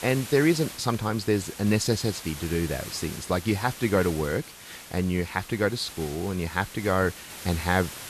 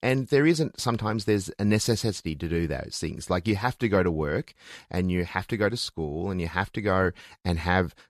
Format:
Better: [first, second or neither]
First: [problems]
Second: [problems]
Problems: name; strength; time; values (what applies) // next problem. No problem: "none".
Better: second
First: hiss; noticeable; throughout; 10 dB below the speech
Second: none